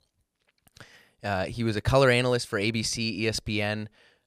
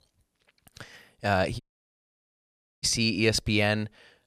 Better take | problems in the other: first | audio cutting out; at 1.5 s for 1 s

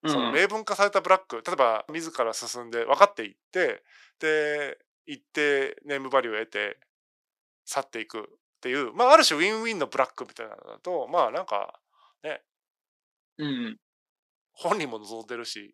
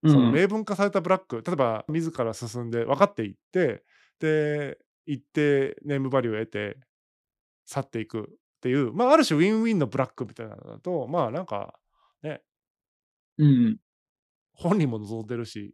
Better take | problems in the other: second | thin; very; fading below 650 Hz

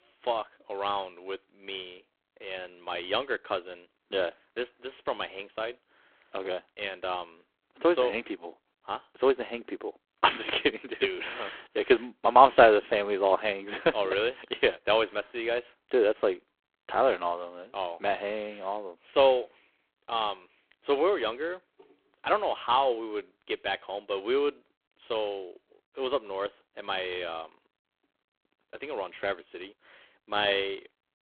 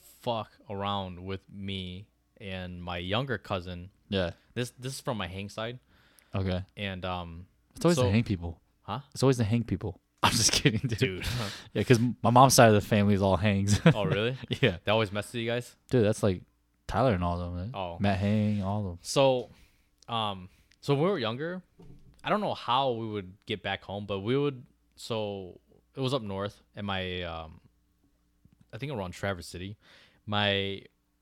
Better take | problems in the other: second | phone-call audio; poor line

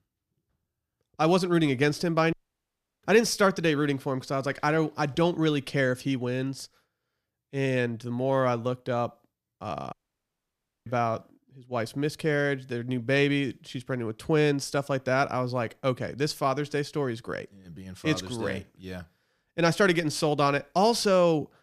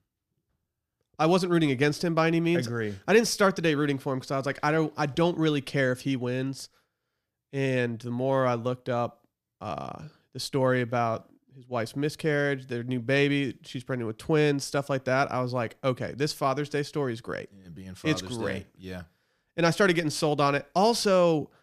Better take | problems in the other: second | audio cutting out; at 2.5 s for 0.5 s and at 10 s for 1 s

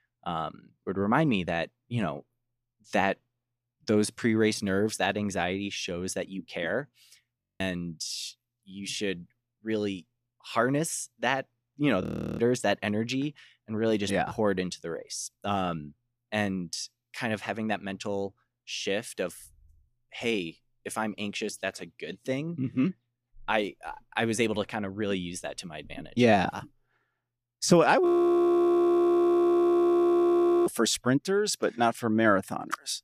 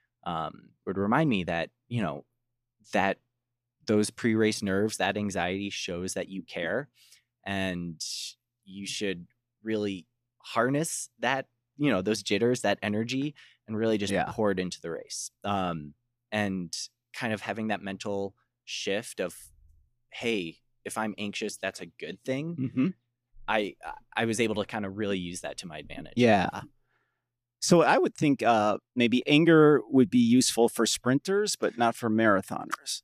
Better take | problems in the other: second | audio freezing; at 7.5 s, at 12 s and at 28 s for 2.5 s

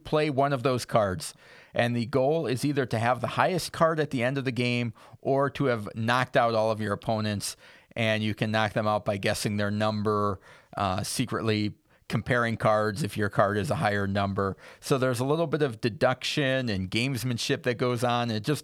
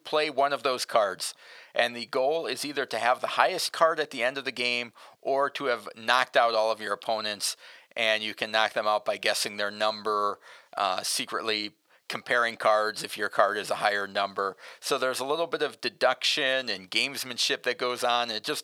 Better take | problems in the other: first | thin; very; fading below 550 Hz

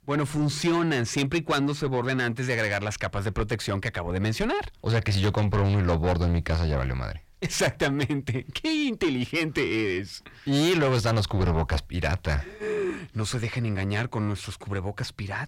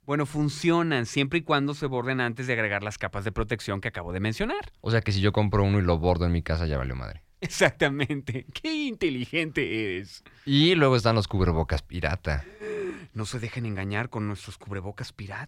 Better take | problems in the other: second | distortion; heavy; 7 dB below the speech

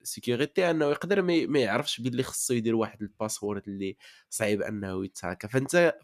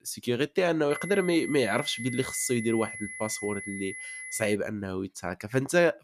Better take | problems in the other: first | high-pitched whine; loud; from 1 to 4.5 s; 2 kHz, 9 dB below the speech

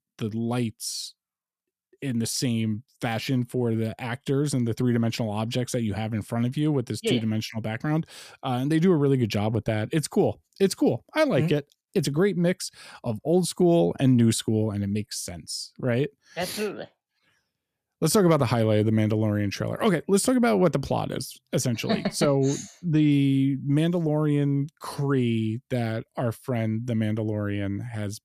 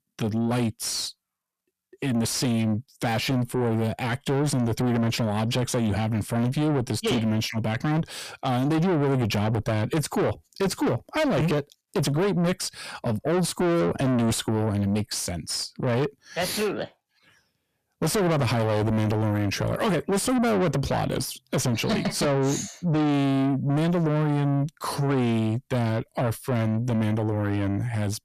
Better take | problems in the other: first | distortion; heavy; 6 dB below the speech

